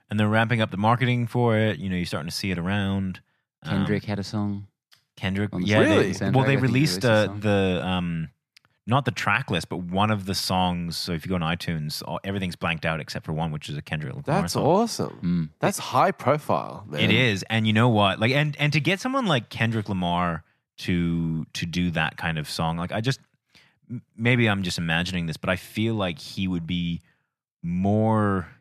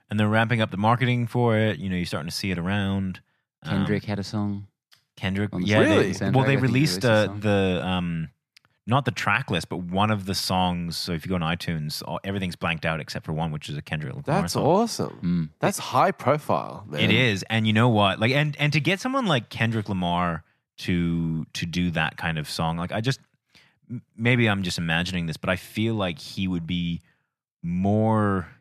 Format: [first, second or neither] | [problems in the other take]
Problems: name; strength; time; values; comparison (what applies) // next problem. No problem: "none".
neither | none